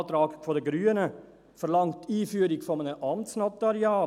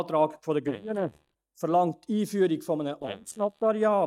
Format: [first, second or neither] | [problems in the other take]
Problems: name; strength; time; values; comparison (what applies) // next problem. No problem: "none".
first | noise reduction (neural mask model DeepFilterNet 3)